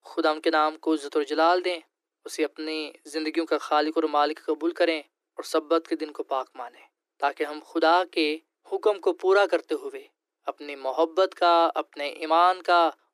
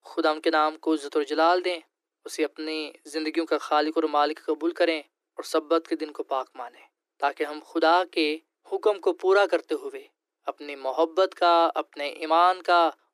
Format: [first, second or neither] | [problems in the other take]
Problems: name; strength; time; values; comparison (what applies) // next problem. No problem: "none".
neither | thin; very; fading below 300 Hz; the same in both